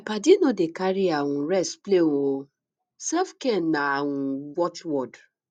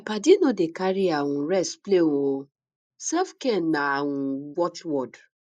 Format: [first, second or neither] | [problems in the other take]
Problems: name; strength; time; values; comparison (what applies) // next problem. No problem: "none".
first | noise reduction (neural mask model Resemble Enhance denoiser)